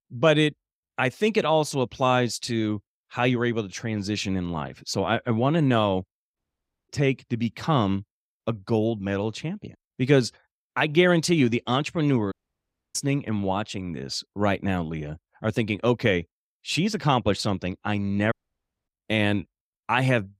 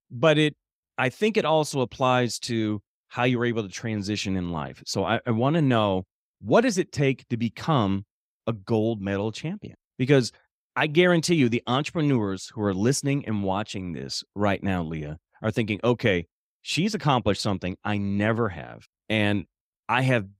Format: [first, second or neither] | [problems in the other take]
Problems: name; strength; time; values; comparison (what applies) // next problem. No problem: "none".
second | audio cutting out; at 6.5 s for 0.5 s, at 12 s for 0.5 s and at 18 s for 0.5 s